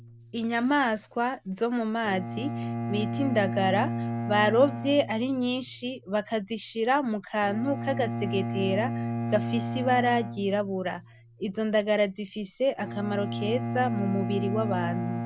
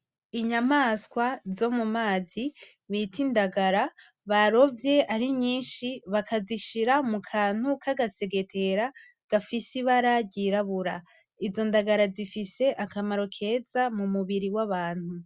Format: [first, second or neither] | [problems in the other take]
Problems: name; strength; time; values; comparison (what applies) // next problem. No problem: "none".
second | background sound (Bowed string instrument); 6 dB below the speech